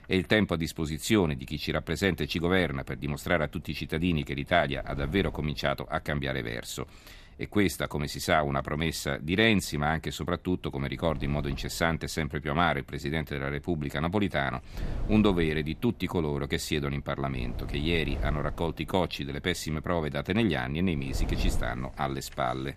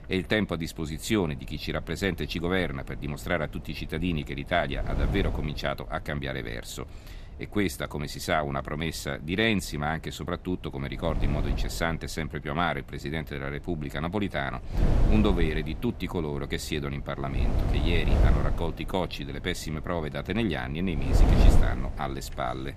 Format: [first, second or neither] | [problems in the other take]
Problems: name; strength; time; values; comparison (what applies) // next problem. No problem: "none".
first | wind noise on the microphone; heavy; 8 dB below the speech; occasional gusts in the first